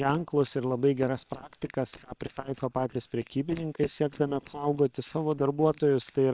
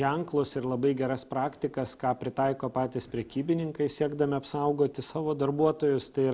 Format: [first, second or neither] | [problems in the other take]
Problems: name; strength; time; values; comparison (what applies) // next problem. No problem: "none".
second | noise reduction (neural separator model SepFormer WHAM!)